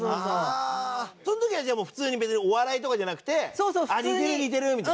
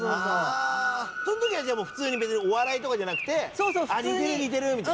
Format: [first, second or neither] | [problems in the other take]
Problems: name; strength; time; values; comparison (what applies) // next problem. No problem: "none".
first | background sound (Train + Bird); 7 dB below the speech